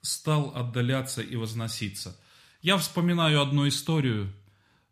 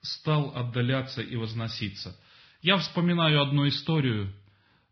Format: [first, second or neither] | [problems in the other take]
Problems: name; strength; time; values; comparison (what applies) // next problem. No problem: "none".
first | garbled, watery; badly; nothing above 5.5 kHz